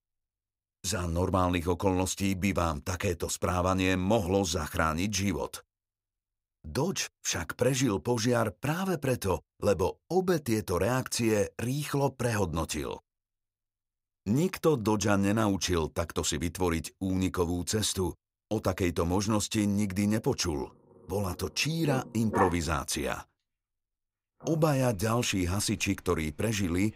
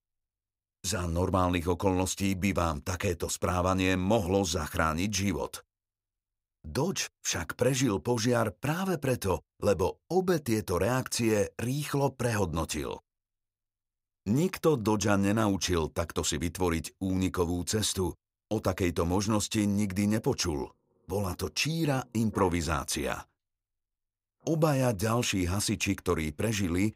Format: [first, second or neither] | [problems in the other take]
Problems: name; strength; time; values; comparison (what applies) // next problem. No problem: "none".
second | animal sounds; loud; from 20 s on; 10 dB below the speech; faint in the second